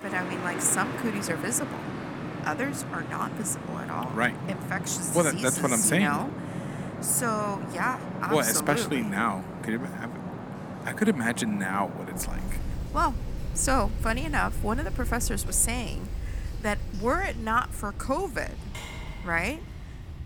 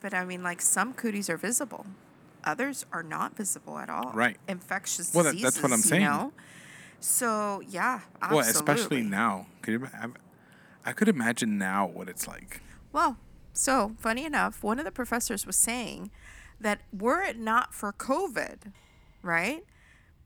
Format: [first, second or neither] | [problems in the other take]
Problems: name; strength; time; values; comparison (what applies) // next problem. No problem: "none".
second | traffic noise; loud; throughout; 8 dB below the speech; faint in the second